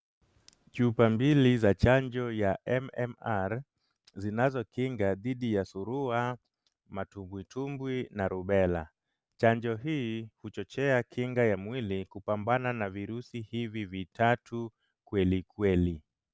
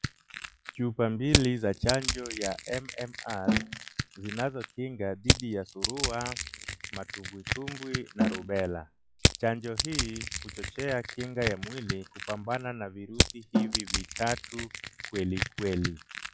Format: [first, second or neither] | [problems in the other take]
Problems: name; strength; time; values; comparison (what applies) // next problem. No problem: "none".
first | noise reduction (classical method log-MMSE)